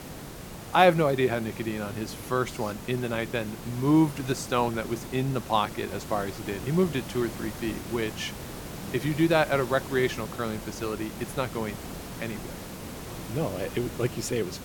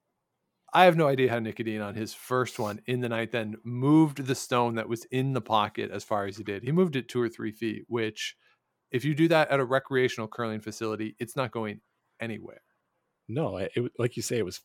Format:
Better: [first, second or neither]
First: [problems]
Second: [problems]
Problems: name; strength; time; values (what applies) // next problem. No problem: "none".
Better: second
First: hiss; noticeable; throughout; 10 dB below the speech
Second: none